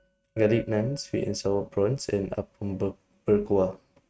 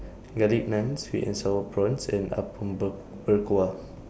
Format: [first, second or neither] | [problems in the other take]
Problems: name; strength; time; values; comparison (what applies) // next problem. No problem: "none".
second | noise reduction (neural mask model RNNoise)